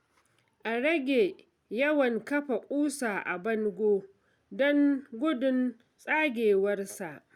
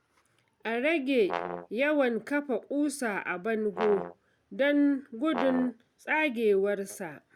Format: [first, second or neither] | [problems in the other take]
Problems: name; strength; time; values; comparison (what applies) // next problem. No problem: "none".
first | background sound (Brass instrument); 9 dB below the speech